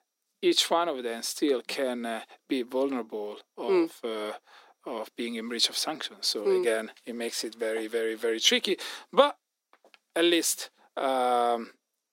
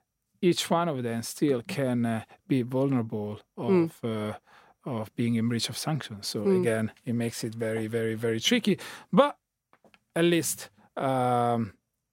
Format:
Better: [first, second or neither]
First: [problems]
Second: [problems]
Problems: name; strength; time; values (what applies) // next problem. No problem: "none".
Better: second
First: thin; somewhat; fading below 300 Hz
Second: none